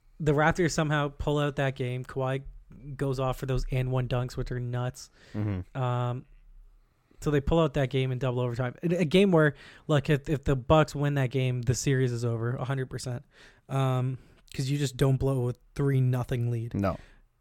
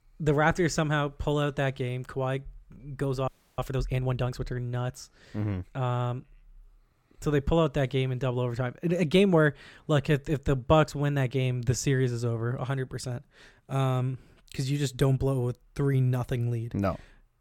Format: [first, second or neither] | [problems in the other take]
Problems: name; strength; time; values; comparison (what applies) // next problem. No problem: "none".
first | audio freezing; at 3.5 s